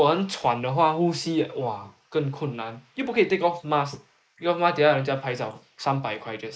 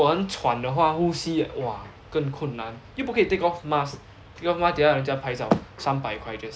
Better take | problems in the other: second | noise reduction (neural mask model Resemble Enhance denoiser)

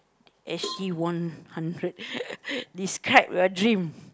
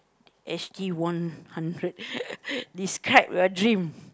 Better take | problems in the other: second | background sound (Cowbell); 15 dB below the speech

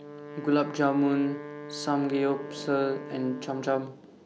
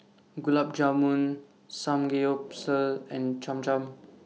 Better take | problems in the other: second | background sound (Wind instrument, woodwind instrument); 12 dB below the speech

